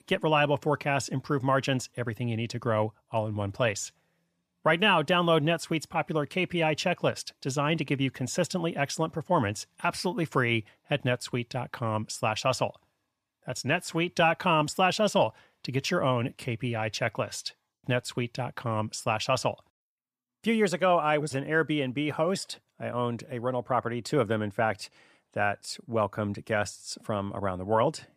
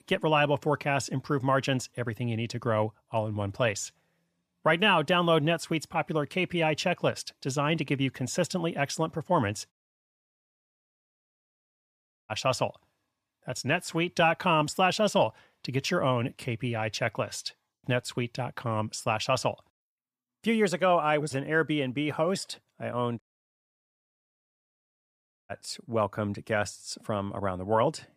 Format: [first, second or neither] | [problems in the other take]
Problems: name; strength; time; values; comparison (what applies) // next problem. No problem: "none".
first | audio cutting out; at 9.5 s for 2.5 s and at 23 s for 2.5 s